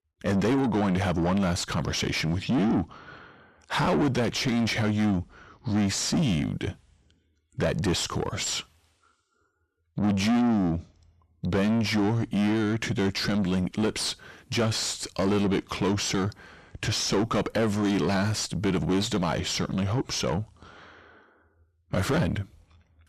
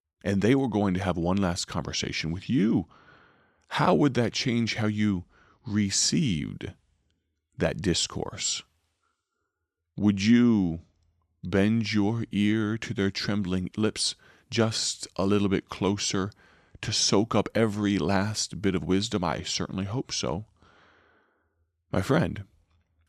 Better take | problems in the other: second | distortion; heavy; 6 dB below the speech

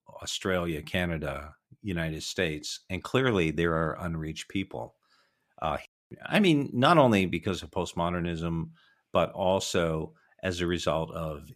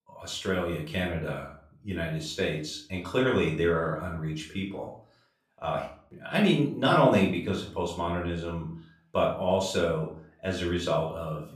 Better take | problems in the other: first | off-mic speech; far // room echo; slight; dies away in 0.4 s

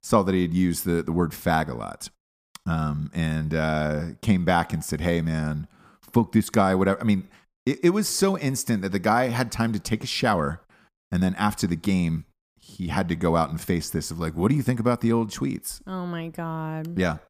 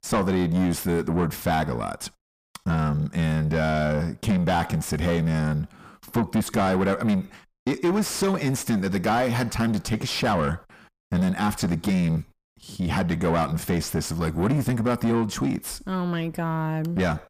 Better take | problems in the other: first | distortion; heavy; 7 dB below the speech

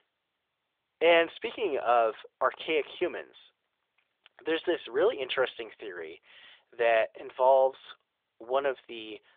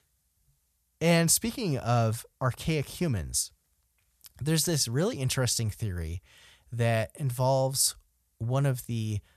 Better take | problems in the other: second | phone-call audio

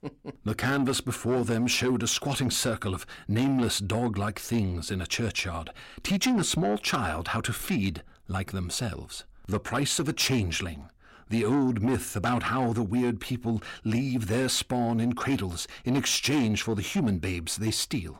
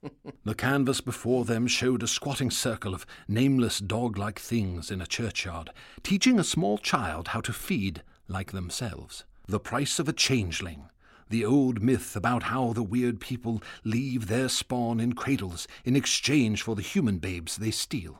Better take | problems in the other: second | distortion; slight; 10 dB below the speech

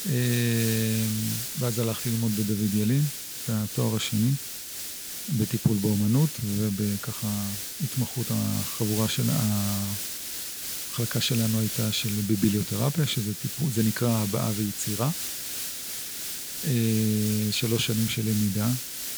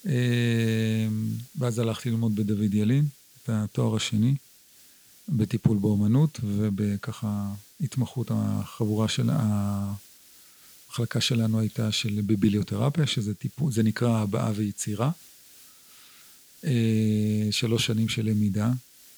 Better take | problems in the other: second | hiss; loud; throughout; 4 dB below the speech; faint in the second

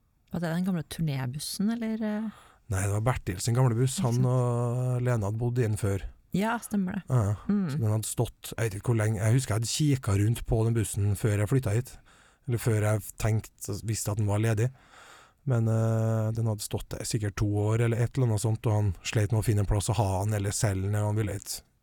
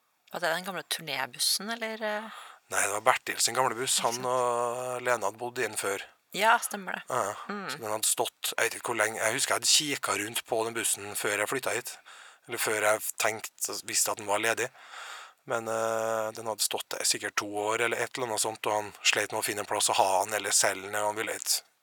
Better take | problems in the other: first | thin; very; fading below 750 Hz

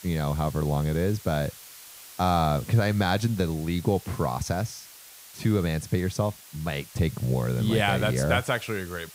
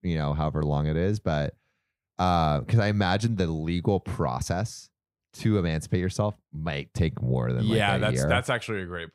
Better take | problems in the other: second | hiss; noticeable; throughout; 20 dB below the speech

